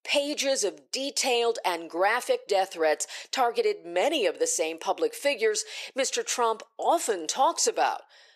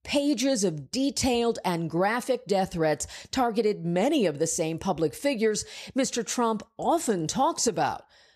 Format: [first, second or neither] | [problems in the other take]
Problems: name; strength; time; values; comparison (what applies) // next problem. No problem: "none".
second | thin; very; fading below 400 Hz